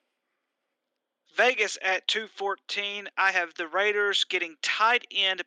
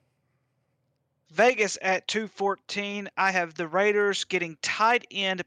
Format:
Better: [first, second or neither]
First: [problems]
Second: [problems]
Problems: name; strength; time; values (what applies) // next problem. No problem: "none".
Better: second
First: thin; somewhat; fading below 250 Hz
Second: none